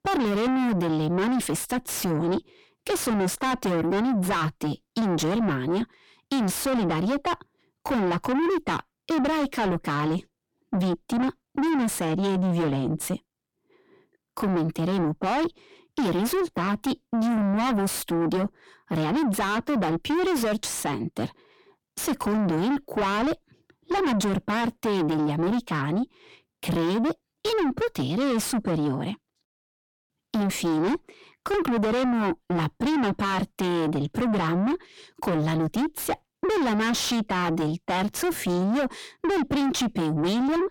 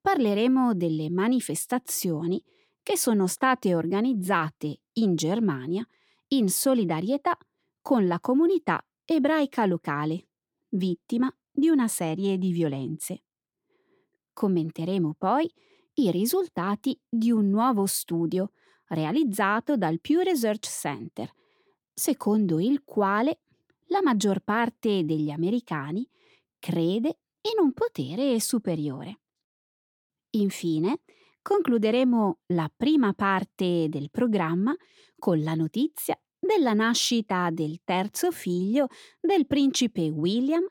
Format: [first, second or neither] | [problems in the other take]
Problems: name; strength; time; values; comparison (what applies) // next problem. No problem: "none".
second | distortion; heavy; 5 dB below the speech